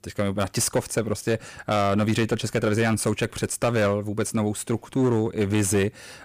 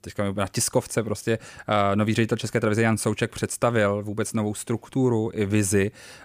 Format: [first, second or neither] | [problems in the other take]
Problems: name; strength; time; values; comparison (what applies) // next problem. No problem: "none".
second | distortion; slight; 11% of the sound clipped